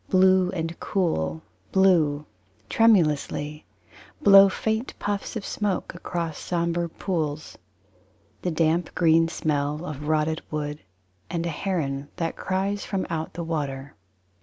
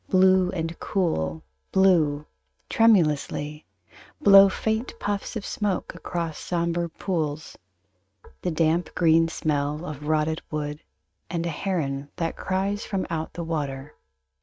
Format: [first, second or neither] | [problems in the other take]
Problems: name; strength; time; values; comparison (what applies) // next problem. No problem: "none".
first | noise reduction (neural mask model RNNoise)